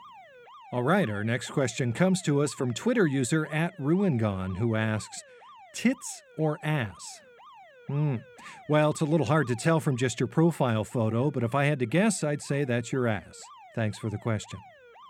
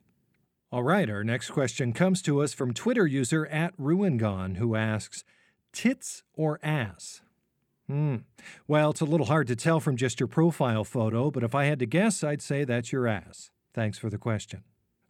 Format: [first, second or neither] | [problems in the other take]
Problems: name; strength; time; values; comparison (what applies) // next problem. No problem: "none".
second | alarms or sirens; faint; throughout; 25 dB below the speech